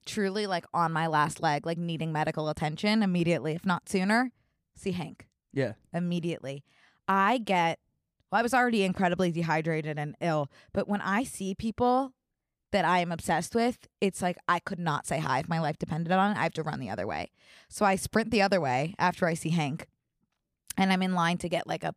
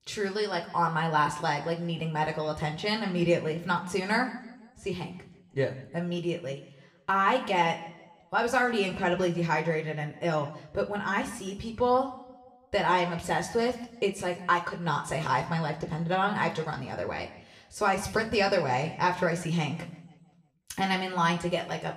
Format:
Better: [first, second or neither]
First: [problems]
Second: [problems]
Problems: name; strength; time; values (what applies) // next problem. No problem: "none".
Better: first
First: none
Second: room echo; slight; dies away in 0.8 s // off-mic speech; somewhat distant